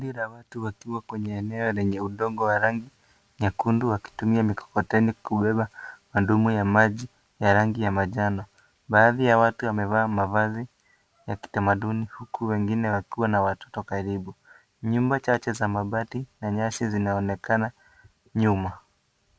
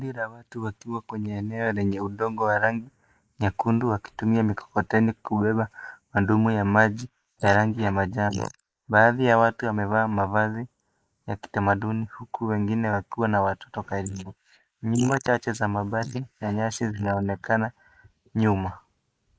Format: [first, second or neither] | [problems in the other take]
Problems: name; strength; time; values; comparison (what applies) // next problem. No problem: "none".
first | noise reduction (neural mask model Resemble Enhance denoiser)